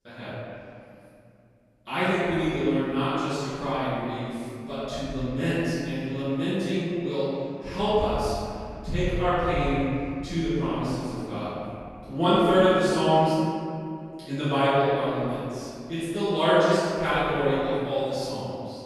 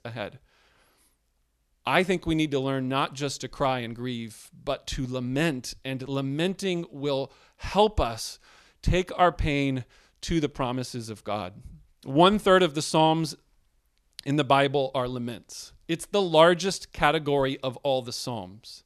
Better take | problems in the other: second | off-mic speech; far // room echo; strong; dies away in 2.5 s

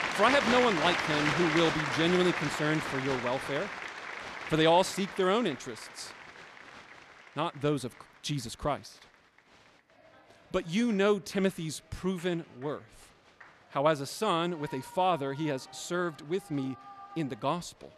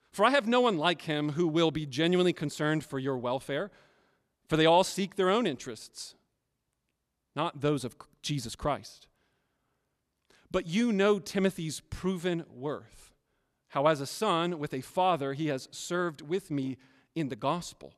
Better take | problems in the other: second | crowd noise; loud; throughout; 3 dB below the speech

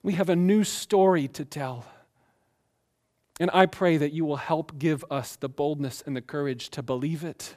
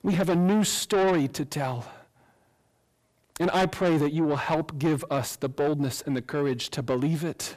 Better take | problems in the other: first | distortion; heavy; 6 dB below the speech

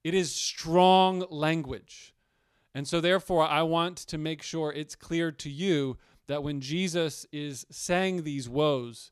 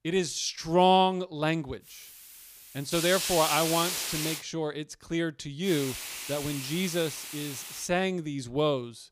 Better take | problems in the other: first | hiss; loud; from 2 to 4.5 s and from 5.5 to 8 s; 4 dB below the speech

